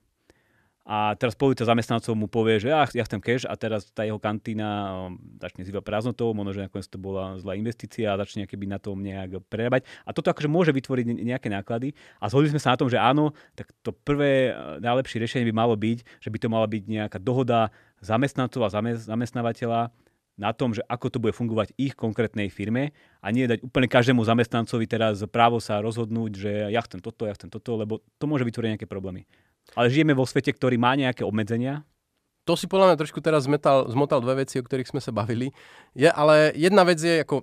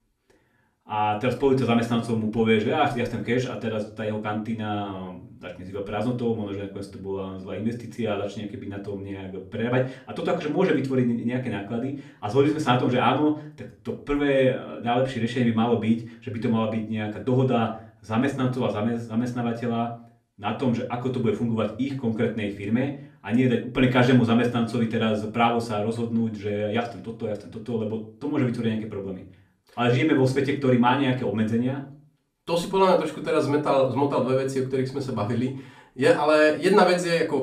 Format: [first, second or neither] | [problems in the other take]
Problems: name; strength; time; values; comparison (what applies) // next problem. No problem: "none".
first | off-mic speech; far // room echo; very slight; dies away in 0.3 s